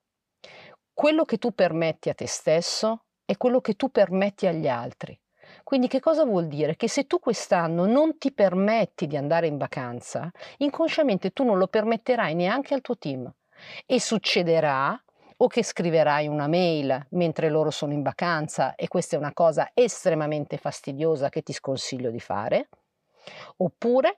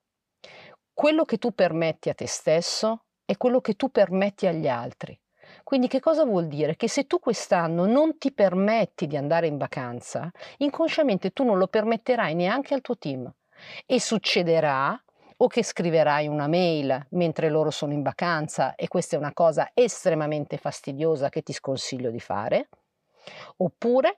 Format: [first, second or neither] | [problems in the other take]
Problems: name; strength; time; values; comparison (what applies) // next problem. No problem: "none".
neither | none